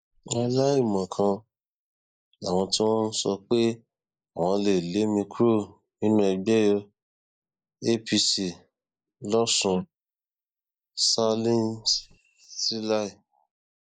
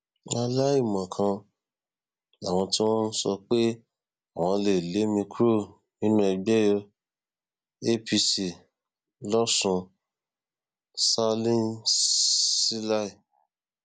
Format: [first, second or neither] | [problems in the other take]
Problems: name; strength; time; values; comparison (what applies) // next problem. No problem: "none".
second | noise reduction (neural mask model Resemble Enhance denoiser)